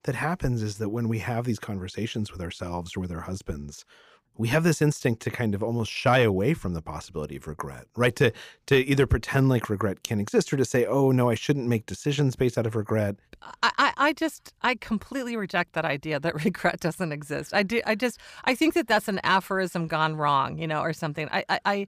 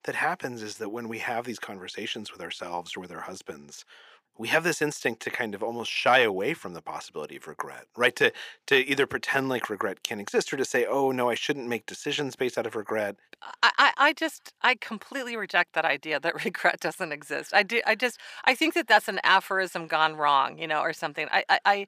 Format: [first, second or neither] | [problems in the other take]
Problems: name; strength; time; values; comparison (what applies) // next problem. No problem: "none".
first | thin; somewhat; fading below 350 Hz